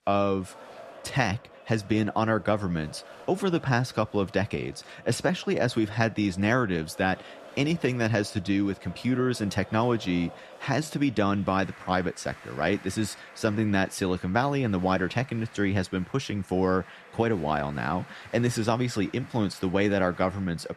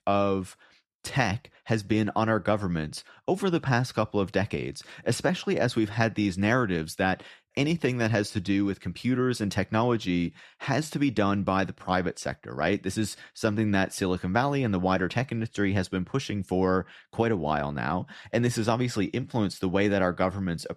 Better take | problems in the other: second | crowd noise; faint; throughout; 20 dB below the speech

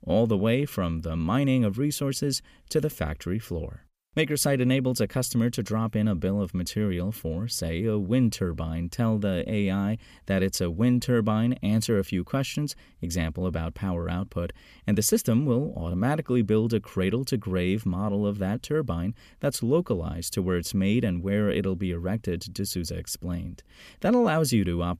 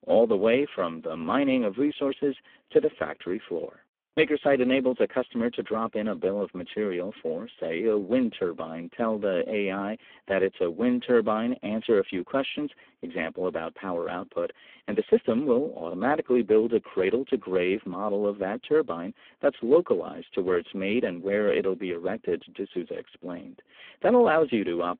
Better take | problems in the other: first | phone-call audio; poor line

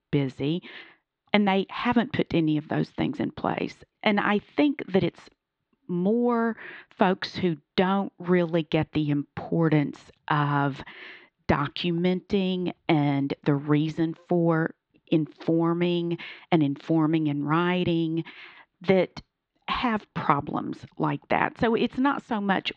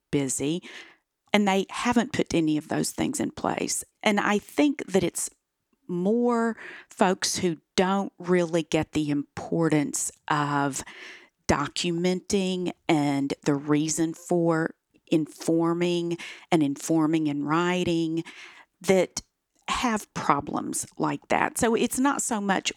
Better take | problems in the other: second | muffled; slightly; fading above 4 kHz

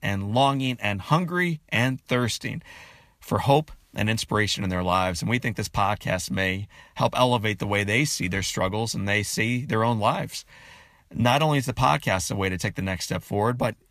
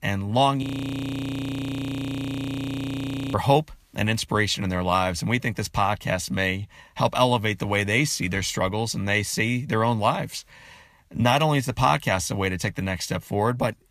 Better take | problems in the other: first | audio freezing; at 0.5 s for 2.5 s

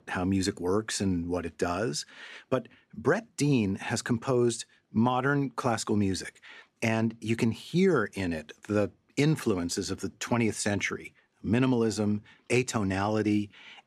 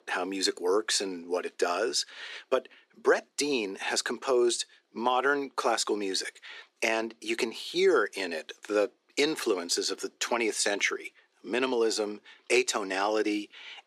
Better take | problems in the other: first | thin; somewhat; fading below 350 Hz

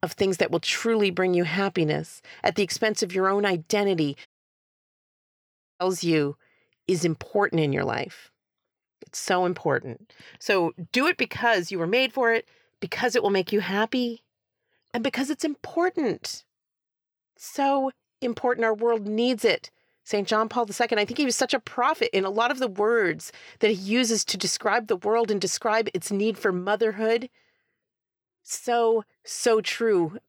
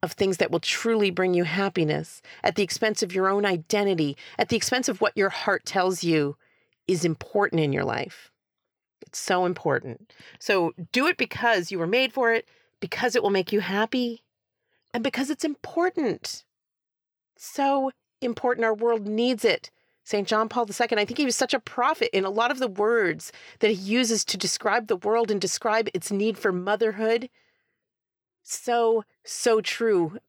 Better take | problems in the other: second | audio cutting out; at 4.5 s for 1.5 s

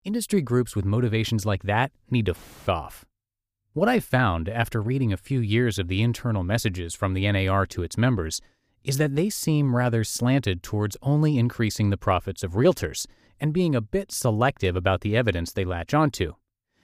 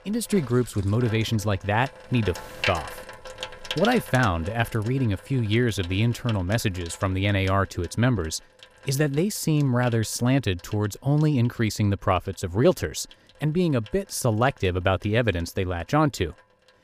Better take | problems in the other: first | household noises; noticeable; throughout; 15 dB below the speech

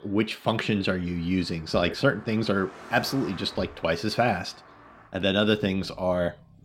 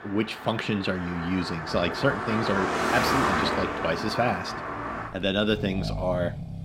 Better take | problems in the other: first | traffic noise; loud; throughout; 2 dB below the speech; faint in the first

